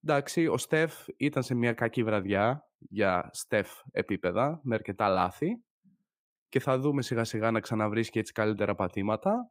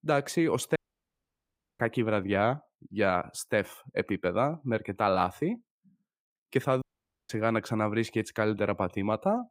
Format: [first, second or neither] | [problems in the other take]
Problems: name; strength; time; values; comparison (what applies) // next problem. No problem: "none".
first | audio cutting out; at 1 s for 1 s and at 7 s